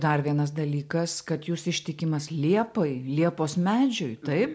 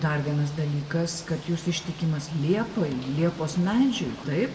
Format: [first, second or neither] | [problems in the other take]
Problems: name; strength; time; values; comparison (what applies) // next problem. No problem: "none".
first | background sound (Ocean / Boat, Water vehicle); 17 dB below the speech // room echo; dies away in 1.1 s